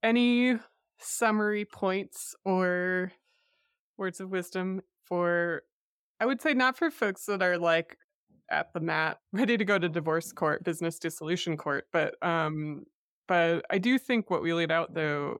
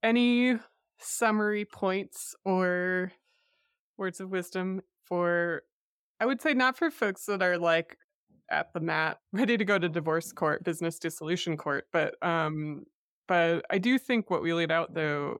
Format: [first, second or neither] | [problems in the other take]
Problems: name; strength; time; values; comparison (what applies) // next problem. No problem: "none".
neither | none